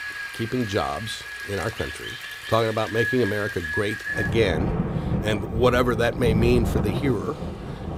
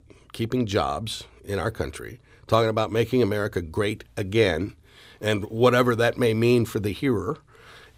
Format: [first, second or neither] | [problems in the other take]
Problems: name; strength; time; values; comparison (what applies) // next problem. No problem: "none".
second | rain or running water; loud; throughout; 4 dB below the speech